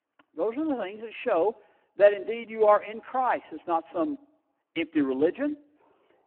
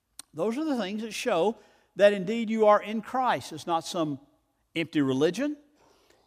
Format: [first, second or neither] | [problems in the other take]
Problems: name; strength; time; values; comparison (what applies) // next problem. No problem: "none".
second | phone-call audio; poor line